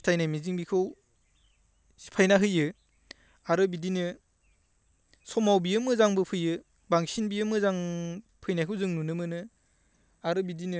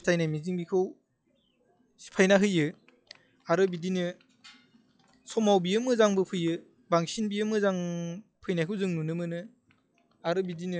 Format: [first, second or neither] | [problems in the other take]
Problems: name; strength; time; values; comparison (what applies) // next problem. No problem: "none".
first | noise reduction (classical method log-MMSE)